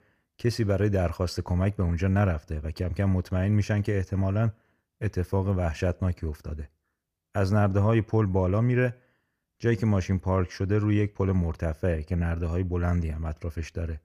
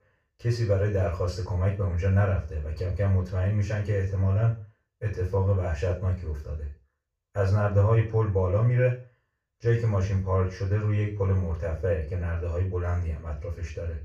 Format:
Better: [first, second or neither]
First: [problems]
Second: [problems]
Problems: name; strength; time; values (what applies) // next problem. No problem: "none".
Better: first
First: none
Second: room echo; noticeable; dies away in 0.3 s // off-mic speech; far